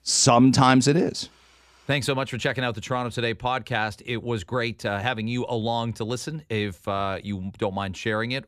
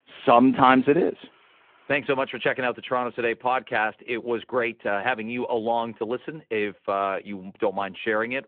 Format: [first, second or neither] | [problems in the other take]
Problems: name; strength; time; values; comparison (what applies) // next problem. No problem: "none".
first | phone-call audio